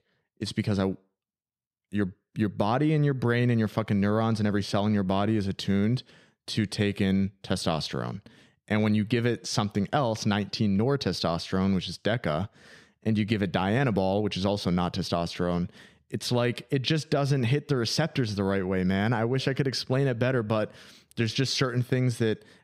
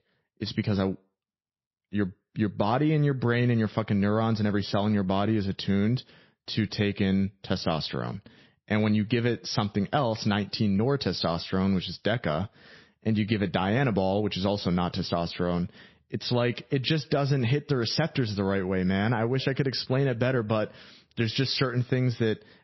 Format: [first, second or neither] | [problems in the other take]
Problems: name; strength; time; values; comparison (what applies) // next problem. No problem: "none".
first | garbled, watery; slightly; nothing above 5.5 kHz